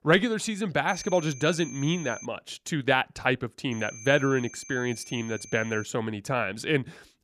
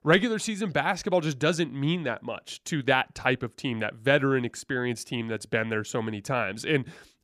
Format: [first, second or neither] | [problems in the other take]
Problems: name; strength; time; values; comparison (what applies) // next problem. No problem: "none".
second | high-pitched whine; noticeable; from 1 to 2.5 s and from 3.5 to 6 s; 6.5 kHz, 15 dB below the speech